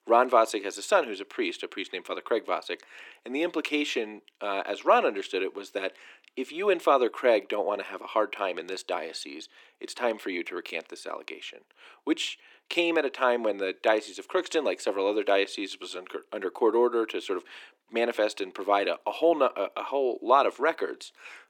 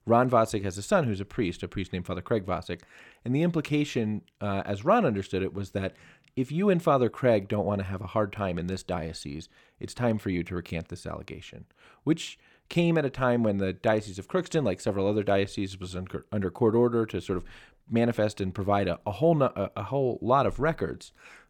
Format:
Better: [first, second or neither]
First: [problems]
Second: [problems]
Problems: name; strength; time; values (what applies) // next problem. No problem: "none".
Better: second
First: thin; somewhat; fading below 300 Hz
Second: none